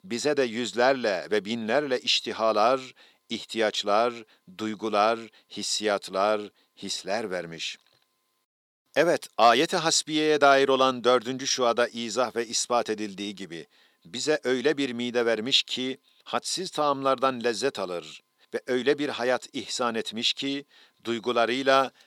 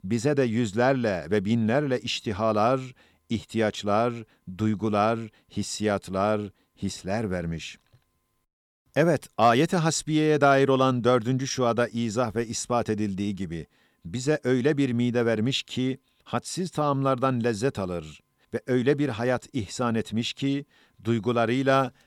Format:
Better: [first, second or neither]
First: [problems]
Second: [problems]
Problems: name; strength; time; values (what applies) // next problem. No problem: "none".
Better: second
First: thin; somewhat; fading below 350 Hz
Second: none